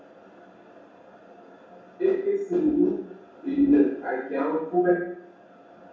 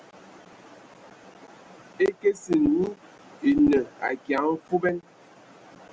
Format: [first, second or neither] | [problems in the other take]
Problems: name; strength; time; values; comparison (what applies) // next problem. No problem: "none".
second | room echo; dies away in 0.7 s